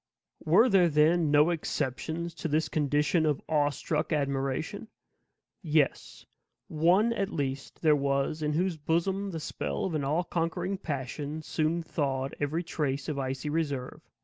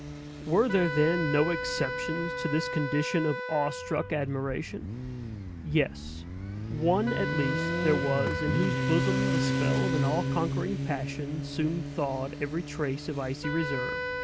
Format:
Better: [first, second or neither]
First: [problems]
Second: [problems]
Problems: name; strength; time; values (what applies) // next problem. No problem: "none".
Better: first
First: none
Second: background sound (Motorcycle + Wind instrument, woodwind instrument); 2 dB below the speech